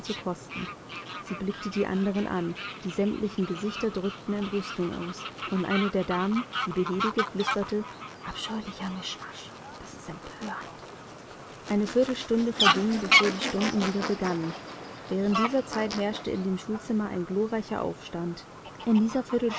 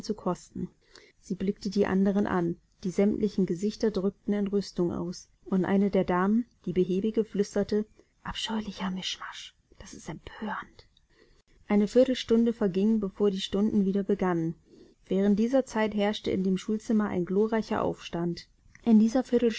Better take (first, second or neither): second